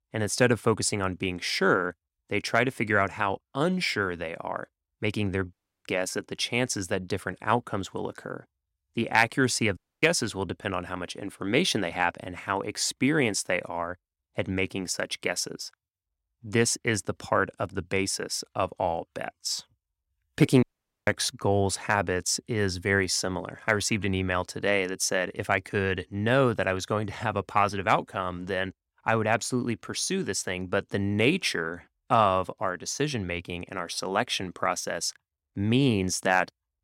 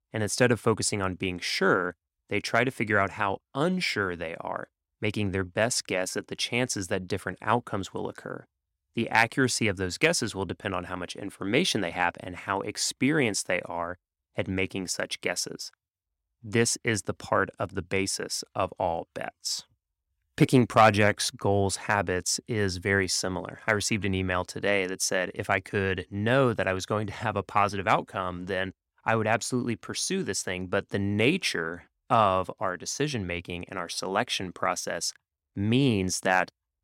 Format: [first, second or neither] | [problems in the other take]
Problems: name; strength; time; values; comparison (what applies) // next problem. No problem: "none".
second | audio cutting out; at 5.5 s, at 10 s and at 21 s